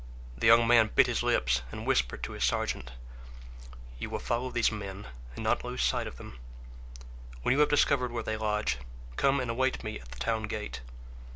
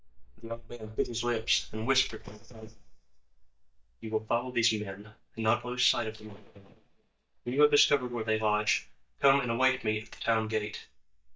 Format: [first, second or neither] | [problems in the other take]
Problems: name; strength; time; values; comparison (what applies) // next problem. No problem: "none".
first | noise reduction (neural mask model DeepFilterNet 3)